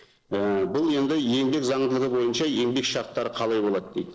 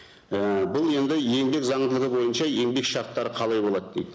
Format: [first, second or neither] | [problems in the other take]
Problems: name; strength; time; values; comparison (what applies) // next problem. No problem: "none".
second | noise reduction (neural separator model SepFormer DNS4)